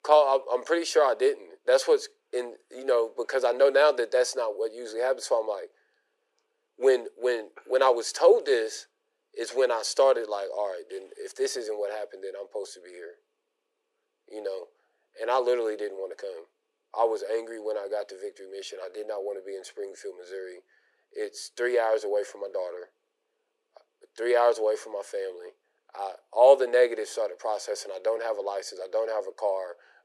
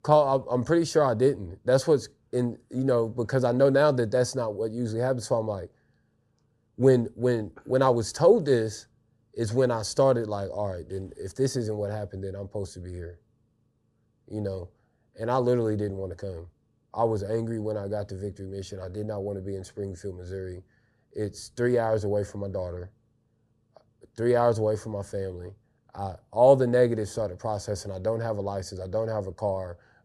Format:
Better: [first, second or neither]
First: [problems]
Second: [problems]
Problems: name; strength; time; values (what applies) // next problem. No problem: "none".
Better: second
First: thin; very; fading below 400 Hz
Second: none